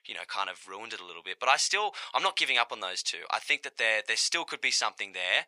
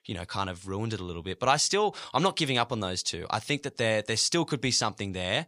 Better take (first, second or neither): second